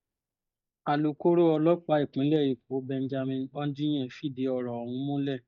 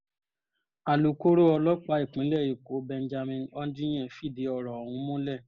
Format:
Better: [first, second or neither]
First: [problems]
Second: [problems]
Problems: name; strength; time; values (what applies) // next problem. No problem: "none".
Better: second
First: noise reduction (neural mask model DeepFilterNet 3)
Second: none